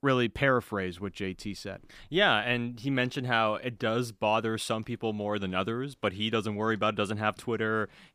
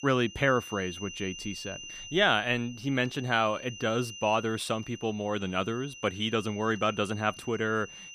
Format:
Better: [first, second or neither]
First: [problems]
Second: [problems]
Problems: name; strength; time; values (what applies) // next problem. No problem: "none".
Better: first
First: none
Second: high-pitched whine; noticeable; throughout; 3 kHz, 15 dB below the speech